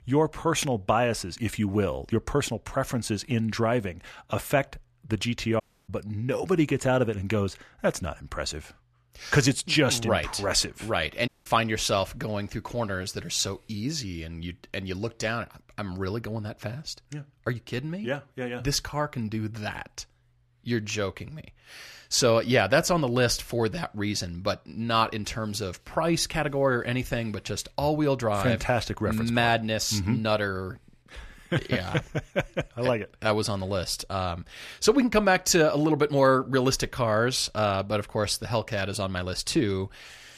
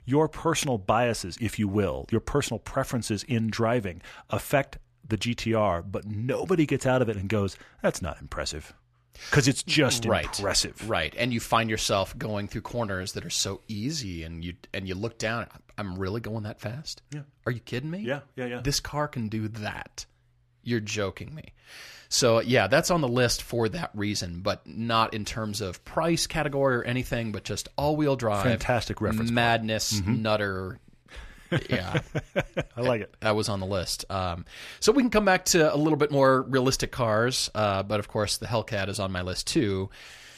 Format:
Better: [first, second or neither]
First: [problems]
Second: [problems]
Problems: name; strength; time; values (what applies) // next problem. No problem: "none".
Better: second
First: audio cutting out; at 5.5 s and at 11 s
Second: none